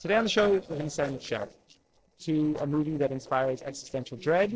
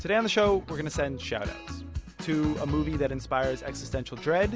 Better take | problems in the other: second | noise reduction (neural separator model SepFormer DNS4)

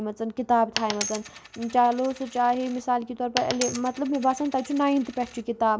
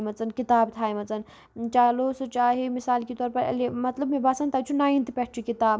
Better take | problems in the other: second | background sound (Coin (dropping)); 12 dB below the speech

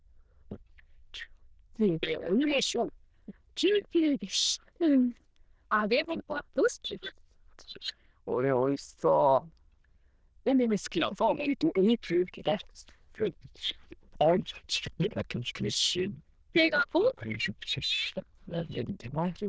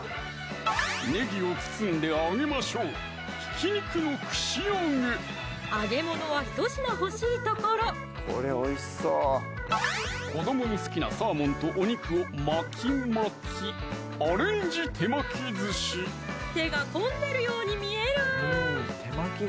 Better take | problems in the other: second | noise reduction (neural diffusion model UNIVERSE++)

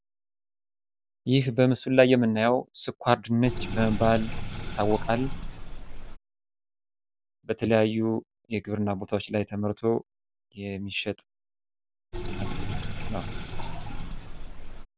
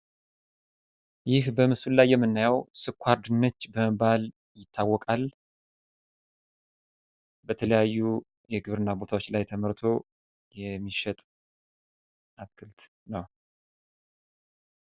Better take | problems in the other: second | background sound (Sink (filling or washing)); 7 dB below the speech

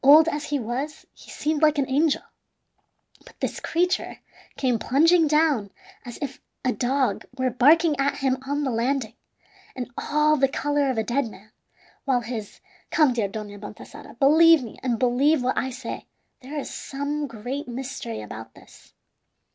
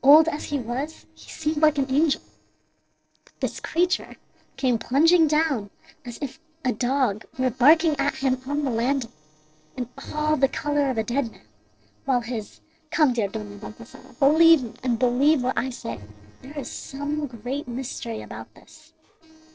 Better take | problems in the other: first | noise reduction (neural separator model SepFormer DNS4)

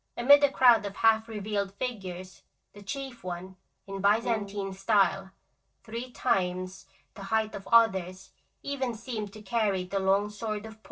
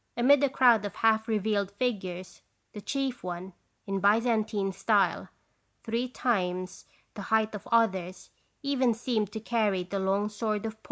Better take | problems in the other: second | noise reduction (neural separator model SepFormer DNS4)

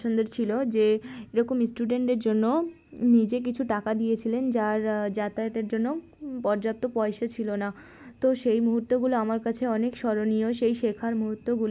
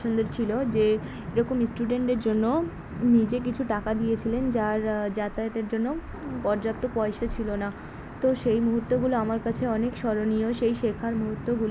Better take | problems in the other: first | background sound (Thunder / Wind / Rain); 11 dB below the speech

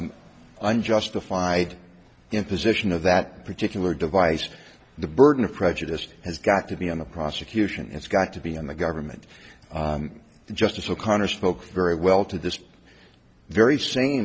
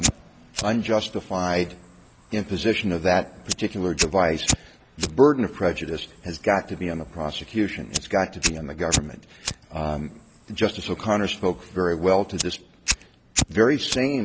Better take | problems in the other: first | background sound (Fire); 7 dB below the speech

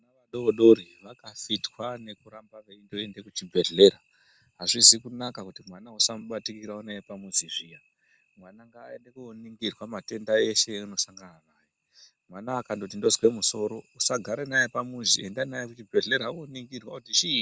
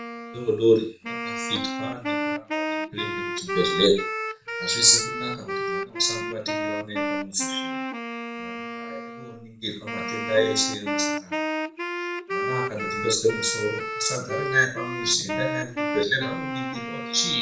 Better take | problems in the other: first | background sound (Wind instrument, woodwind instrument); 3 dB below the speech // room echo; dies away in 0.3 s

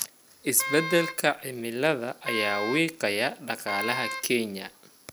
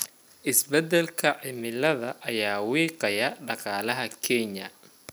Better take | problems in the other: second | background sound (Wind instrument, woodwind instrument); 8 dB below the speech

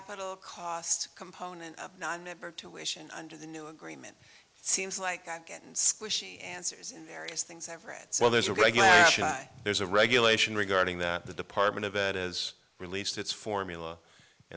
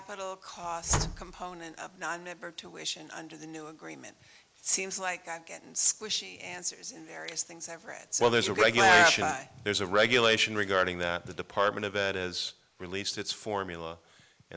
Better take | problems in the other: first | background sound (Slam); 8 dB below the speech

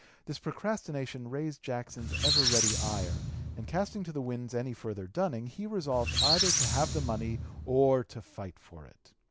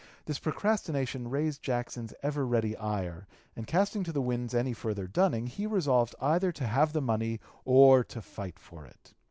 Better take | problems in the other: second | background sound (Squeak); 2 dB above the speech

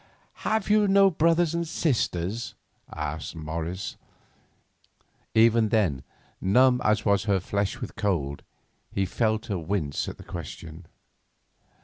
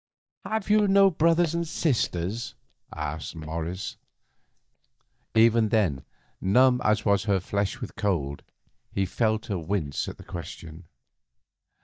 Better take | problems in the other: first | noise reduction (neural mask model DeepFilterNet 3)

